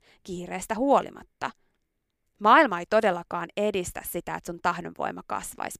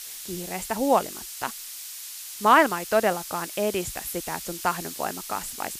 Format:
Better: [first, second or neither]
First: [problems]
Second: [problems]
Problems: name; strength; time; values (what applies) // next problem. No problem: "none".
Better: first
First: none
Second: hiss; loud; throughout; 9 dB below the speech